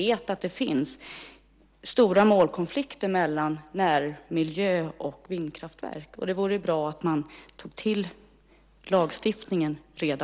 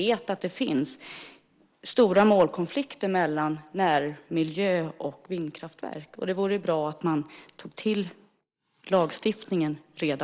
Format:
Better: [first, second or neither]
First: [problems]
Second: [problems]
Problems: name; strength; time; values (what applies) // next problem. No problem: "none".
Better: first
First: none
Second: noise reduction (neural mask model Resemble Enhance denoiser)